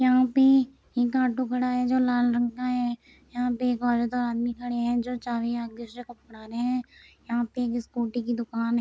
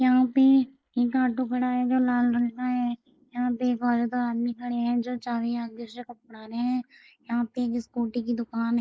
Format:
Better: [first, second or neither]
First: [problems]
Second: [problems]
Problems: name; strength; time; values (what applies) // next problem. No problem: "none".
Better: first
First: none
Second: noise reduction (neural mask model Resemble Enhance denoiser)